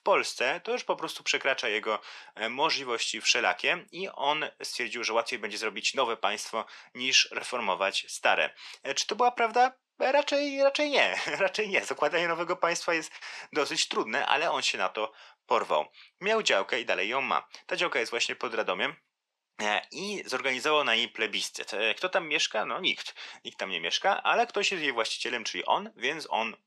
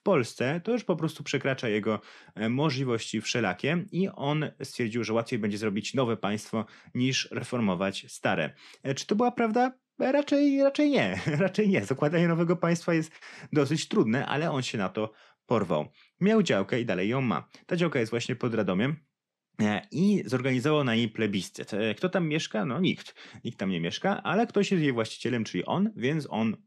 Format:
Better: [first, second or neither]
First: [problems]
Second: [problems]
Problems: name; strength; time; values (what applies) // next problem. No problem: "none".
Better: second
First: thin; very; fading below 700 Hz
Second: none